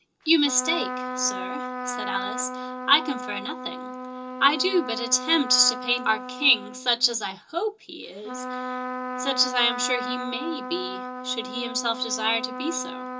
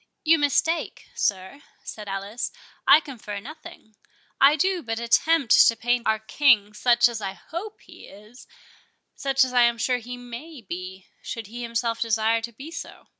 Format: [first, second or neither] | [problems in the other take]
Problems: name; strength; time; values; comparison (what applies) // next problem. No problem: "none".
second | background sound (Trumpet); 6 dB below the speech // room echo; dies away in 0.2 s